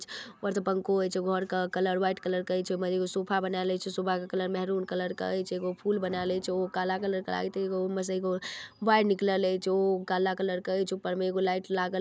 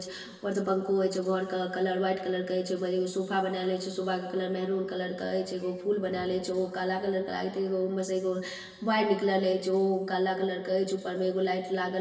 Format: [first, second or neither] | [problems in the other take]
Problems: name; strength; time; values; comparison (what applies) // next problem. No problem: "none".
first | room echo; dies away in 1.4 s